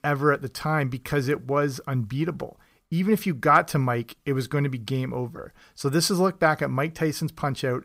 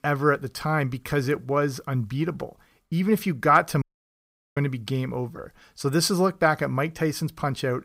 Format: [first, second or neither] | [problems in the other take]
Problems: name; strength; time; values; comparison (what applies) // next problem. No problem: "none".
first | audio cutting out; at 4 s for 0.5 s